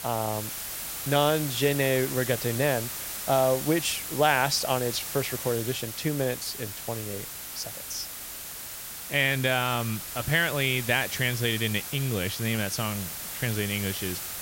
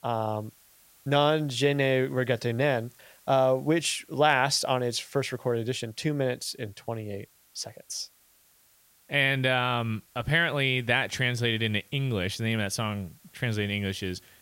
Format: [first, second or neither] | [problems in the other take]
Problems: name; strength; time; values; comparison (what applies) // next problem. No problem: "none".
second | hiss; loud; throughout; 6 dB below the speech; faint in the second